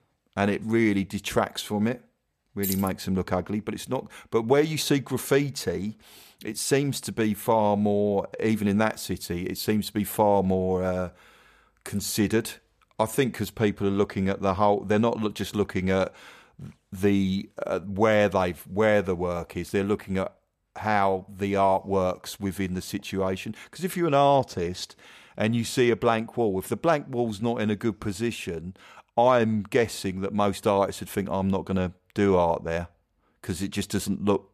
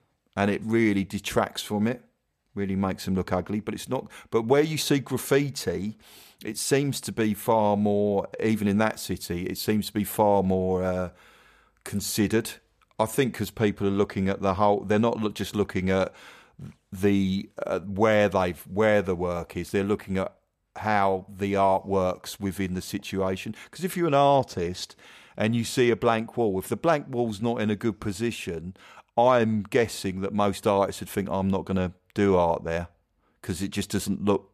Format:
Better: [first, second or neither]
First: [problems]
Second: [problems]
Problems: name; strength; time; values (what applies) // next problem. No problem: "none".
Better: second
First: jangling keys; noticeable; at 2.5 s; peak 6 dB below the speech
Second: none